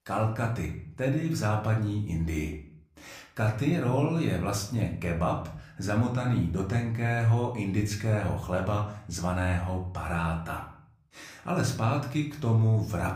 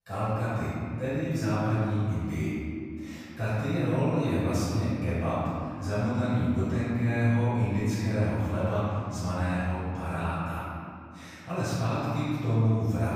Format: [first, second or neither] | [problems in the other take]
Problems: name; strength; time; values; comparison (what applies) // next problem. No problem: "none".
first | room echo; strong; dies away in 2.5 s; slight in the first // off-mic speech; far; somewhat distant in the first